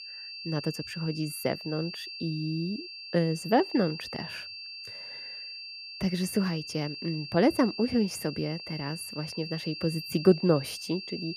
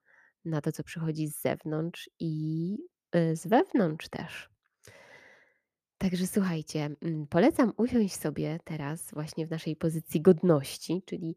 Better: second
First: high-pitched whine; loud; throughout; 4.5 kHz, 9 dB below the speech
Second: none

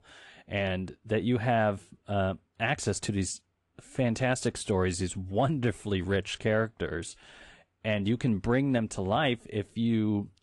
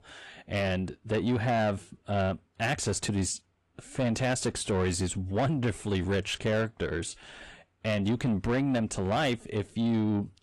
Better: first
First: none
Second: distortion; slight; 10 dB below the speech

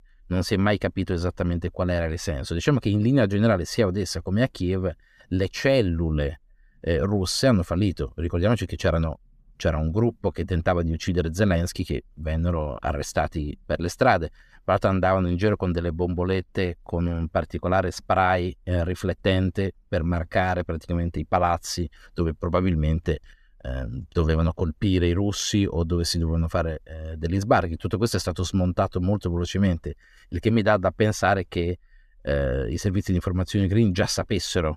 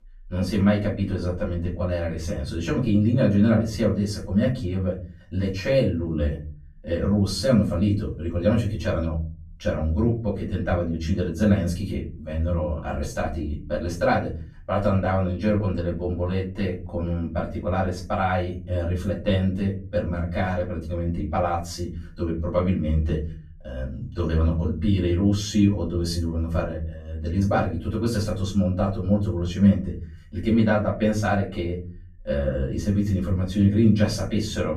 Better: first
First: none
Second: off-mic speech; far // room echo; slight; dies away in 0.4 s

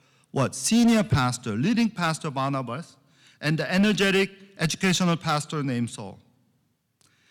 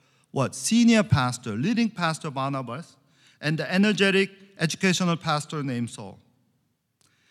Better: second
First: distortion; slight; 5% of the sound clipped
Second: none

